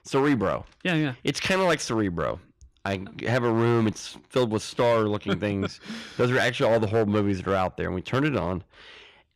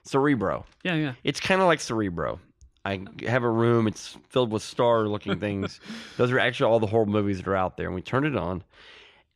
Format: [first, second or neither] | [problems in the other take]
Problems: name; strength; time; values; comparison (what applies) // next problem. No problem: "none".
second | distortion; slight; 5% of the sound clipped